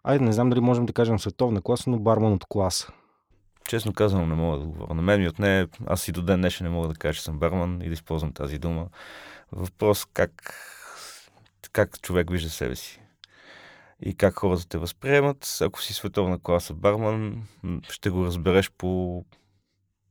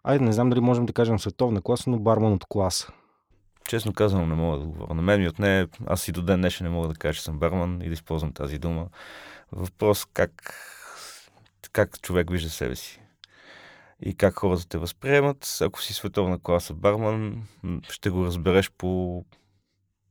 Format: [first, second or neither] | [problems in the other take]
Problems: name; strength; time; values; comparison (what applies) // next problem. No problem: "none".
neither | none